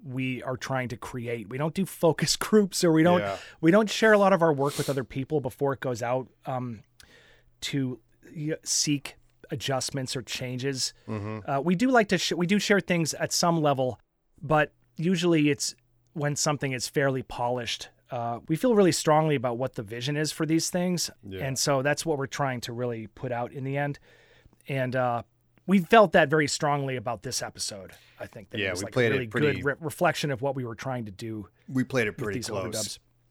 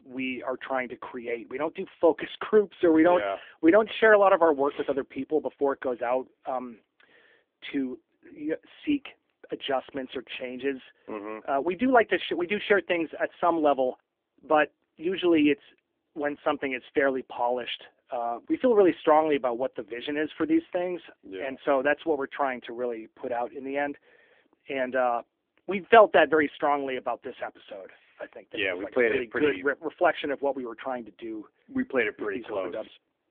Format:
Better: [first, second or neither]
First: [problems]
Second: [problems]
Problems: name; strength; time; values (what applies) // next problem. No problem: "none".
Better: first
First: none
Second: phone-call audio; poor line; nothing above 3.5 kHz